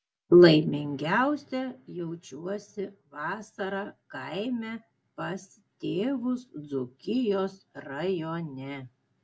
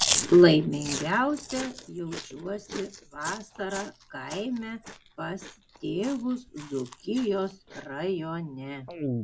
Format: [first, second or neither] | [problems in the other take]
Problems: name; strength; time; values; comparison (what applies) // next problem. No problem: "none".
first | background sound (Chewing, mastication); 8 dB below the speech